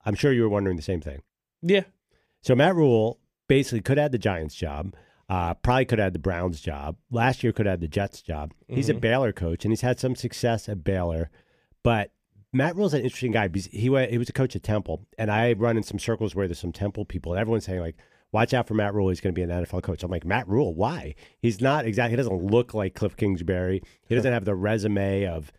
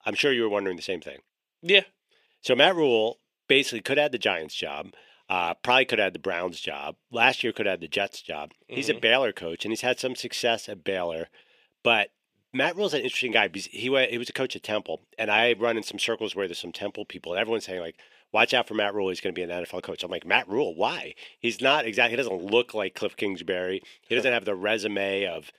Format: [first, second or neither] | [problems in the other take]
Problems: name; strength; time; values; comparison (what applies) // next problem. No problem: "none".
first | thin; somewhat; fading below 400 Hz